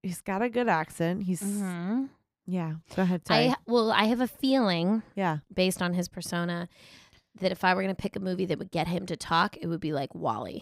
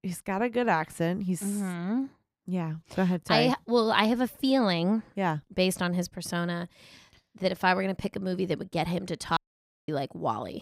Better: first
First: none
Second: audio cutting out; at 9.5 s for 0.5 s

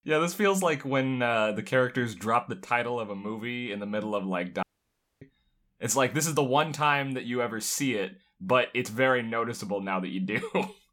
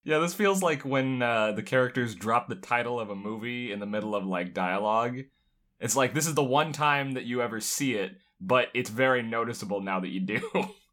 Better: second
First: audio cutting out; at 4.5 s for 0.5 s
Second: none

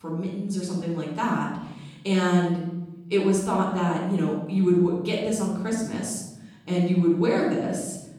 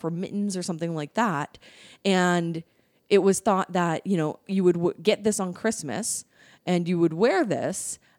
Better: second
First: off-mic speech; far // room echo; noticeable; dies away in 1 s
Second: none

